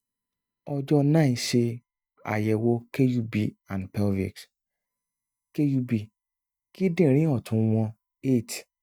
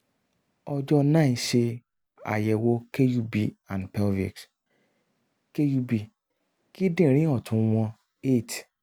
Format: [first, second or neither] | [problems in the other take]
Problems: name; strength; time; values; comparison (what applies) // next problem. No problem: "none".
second | noise reduction (neural mask model DeepFilterNet 3)